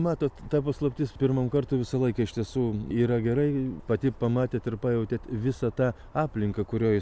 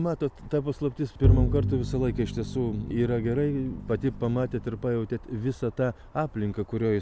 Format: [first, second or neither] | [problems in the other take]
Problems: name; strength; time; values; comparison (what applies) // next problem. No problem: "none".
first | background sound (Bowed string instrument); 1 dB below the speech